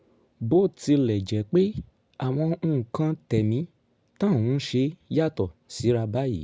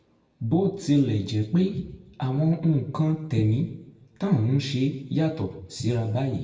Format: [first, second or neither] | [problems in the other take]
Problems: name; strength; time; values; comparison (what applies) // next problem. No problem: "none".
first | room echo; dies away in 0.7 s